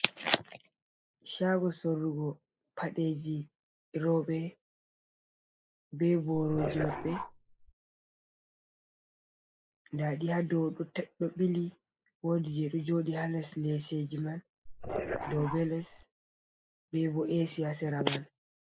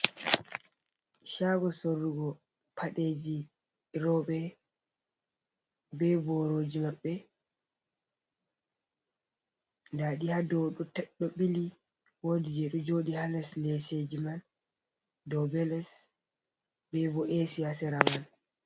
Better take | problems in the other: second | noise reduction (neural mask model Resemble Enhance denoiser)

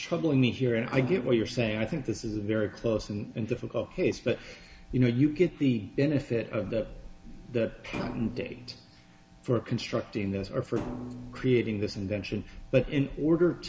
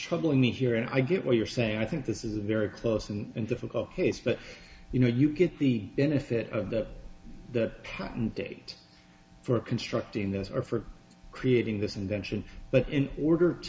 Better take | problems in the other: second | background sound (Thump, thud); 12 dB below the speech

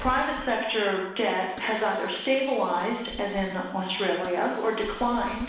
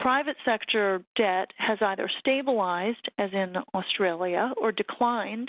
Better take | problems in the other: second | background sound (Hiss); 18 dB below the speech // room echo; dies away in 0.9 s

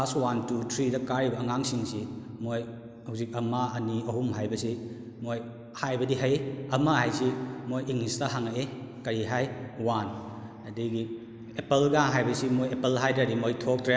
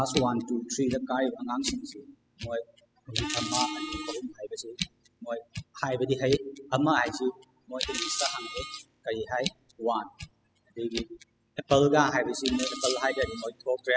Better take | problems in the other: first | noise reduction (classical method spectral subtraction)

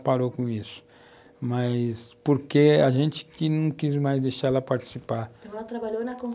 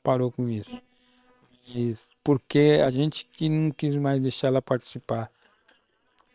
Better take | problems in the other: first | noise reduction (neural separator model SepFormer WHAM!)

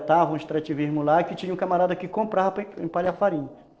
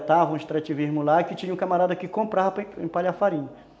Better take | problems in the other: second | noise reduction (neural separator model SepFormer DNS4)

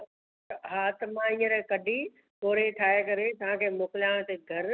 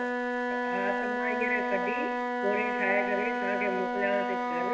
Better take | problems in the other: first | background sound (Wind instrument, woodwind instrument); 3 dB above the speech // room echo; dies away in 1 s

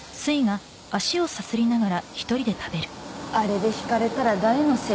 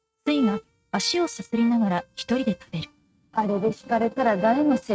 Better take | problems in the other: first | noise reduction (neural mask model RNNoise)

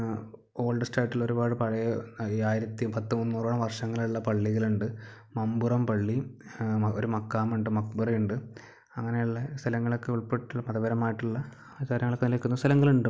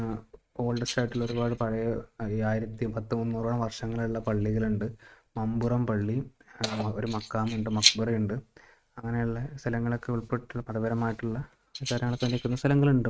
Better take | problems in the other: first | noise reduction (neural mask model RNNoise)

